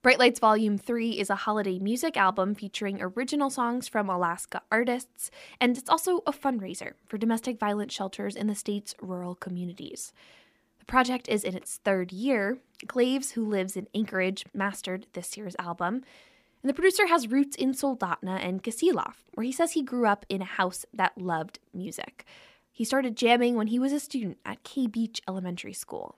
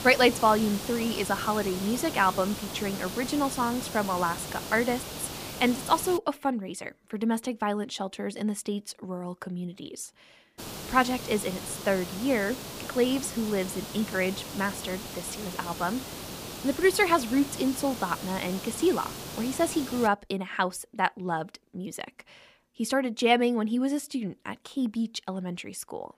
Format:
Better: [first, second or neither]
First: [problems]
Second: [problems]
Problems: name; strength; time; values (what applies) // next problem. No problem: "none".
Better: first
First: none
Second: hiss; loud; until 6 s and from 11 to 20 s; 9 dB below the speech